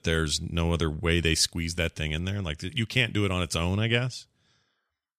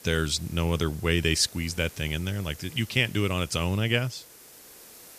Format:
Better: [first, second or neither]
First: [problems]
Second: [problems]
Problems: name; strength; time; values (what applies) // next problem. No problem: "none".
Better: first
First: none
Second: hiss; noticeable; throughout; 20 dB below the speech